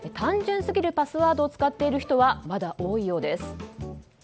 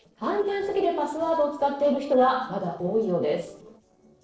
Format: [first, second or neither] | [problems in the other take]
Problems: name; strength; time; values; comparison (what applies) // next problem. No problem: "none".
first | noise reduction (neural separator model SepFormer DNS4)